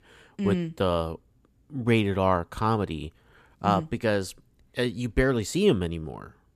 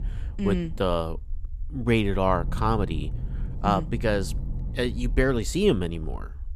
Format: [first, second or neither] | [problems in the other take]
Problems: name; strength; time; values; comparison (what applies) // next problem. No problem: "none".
first | low rumble; faint; throughout; 20 dB below the speech